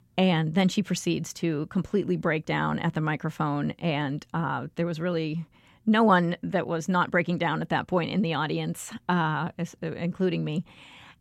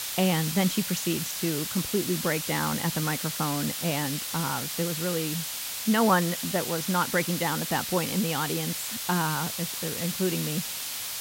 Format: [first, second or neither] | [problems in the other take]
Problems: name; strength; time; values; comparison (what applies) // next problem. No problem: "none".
first | hiss; loud; throughout; 2 dB below the speech